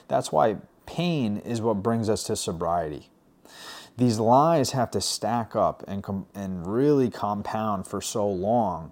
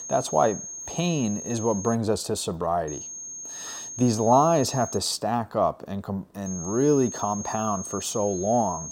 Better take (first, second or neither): first